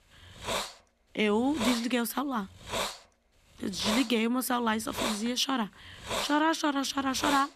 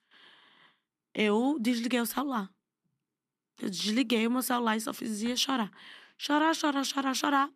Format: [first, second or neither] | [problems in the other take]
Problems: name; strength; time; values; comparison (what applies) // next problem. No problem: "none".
second | hiss; loud; throughout; 6 dB below the speech